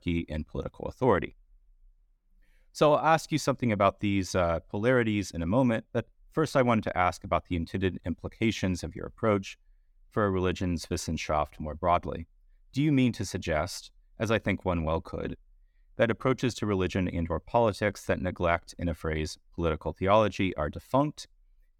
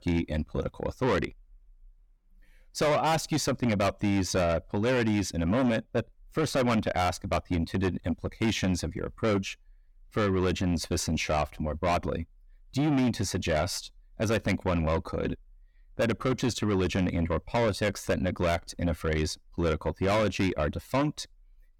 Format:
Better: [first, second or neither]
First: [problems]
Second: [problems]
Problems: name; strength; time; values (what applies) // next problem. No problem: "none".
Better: first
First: none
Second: distortion; heavy; 6 dB below the speech